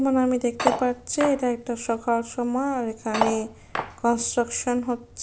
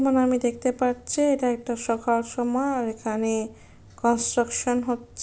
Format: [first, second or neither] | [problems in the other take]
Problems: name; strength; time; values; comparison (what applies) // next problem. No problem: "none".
second | background sound (Cutlery, silverware); 5 dB below the speech